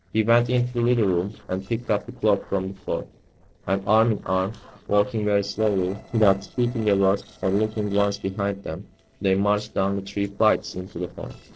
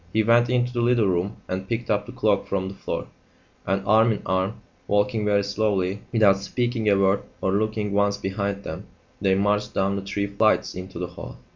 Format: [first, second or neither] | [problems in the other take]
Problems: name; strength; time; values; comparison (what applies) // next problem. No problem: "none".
second | noise reduction (neural separator model SepFormer DNS4)